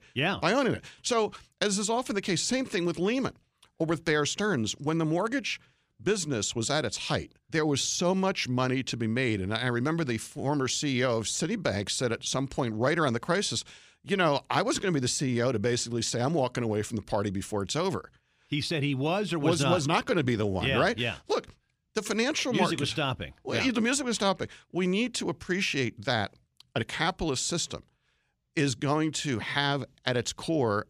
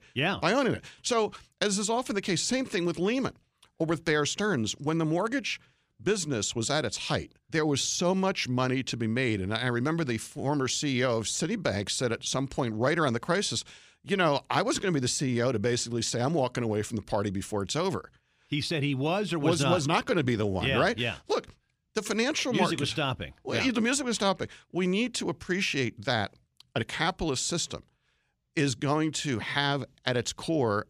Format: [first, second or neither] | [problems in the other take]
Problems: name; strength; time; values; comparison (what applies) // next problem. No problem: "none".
neither | none